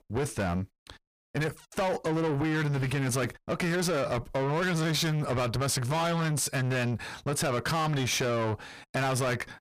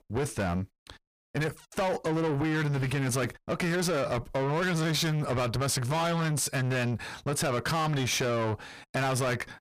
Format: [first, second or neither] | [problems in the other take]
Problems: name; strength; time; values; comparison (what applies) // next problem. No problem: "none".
neither | distortion; heavy; 6 dB below the speech; the same in both